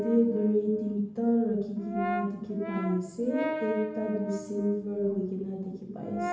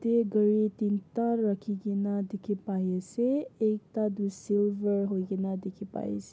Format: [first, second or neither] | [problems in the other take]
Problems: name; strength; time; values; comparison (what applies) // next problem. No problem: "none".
second | background sound (Brass instrument); 9 dB below the speech // room echo; dies away in 0.7 s